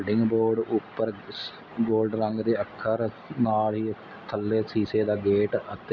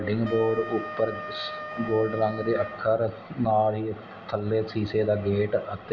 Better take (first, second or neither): first